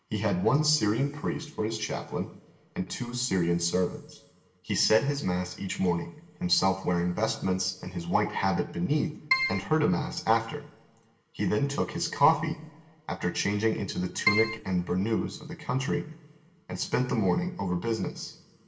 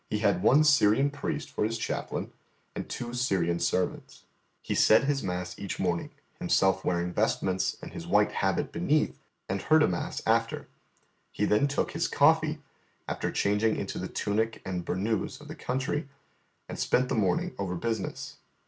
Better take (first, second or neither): second